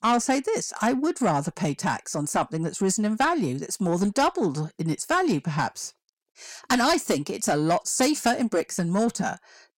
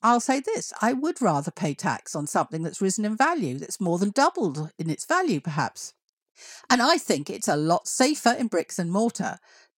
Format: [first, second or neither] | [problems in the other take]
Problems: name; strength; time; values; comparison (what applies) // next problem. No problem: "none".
second | distortion; slight; 10 dB below the speech